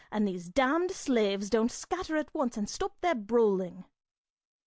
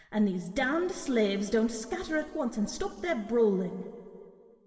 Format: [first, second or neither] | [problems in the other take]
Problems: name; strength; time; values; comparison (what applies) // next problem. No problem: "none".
first | room echo; dies away in 2.3 s